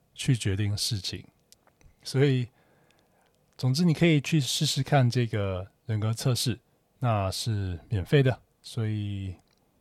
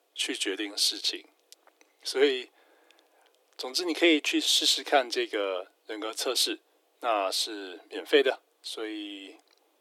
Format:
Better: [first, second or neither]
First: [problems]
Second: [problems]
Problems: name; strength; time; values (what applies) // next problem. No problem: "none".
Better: first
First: none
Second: thin; very; fading below 300 Hz